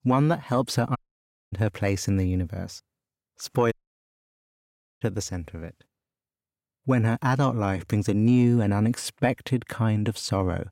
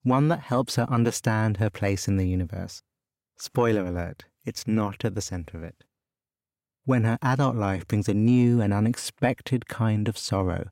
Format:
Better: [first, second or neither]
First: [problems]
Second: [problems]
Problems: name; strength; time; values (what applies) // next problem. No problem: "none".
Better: second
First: audio cutting out; at 1 s for 0.5 s and at 3.5 s for 1.5 s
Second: none